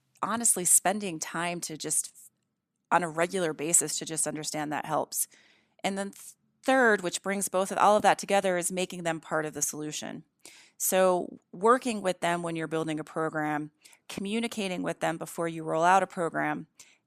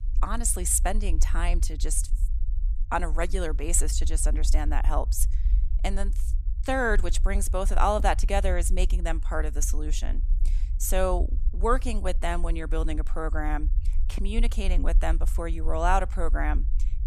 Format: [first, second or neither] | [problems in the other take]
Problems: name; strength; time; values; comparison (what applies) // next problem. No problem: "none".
first | low rumble; faint; throughout; 20 dB below the speech